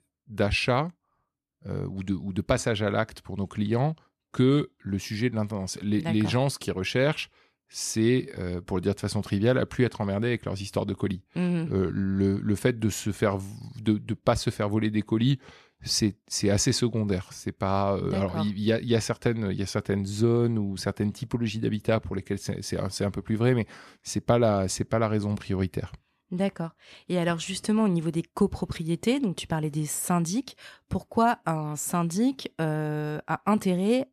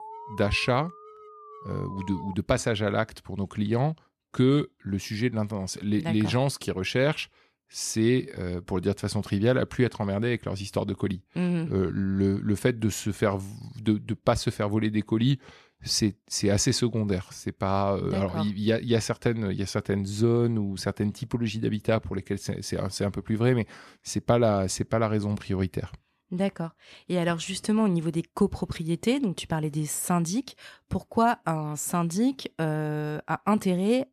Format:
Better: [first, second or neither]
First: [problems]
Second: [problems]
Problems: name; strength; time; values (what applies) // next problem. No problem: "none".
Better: first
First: none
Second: alarm; faint; until 2.5 s; peak 15 dB below the speech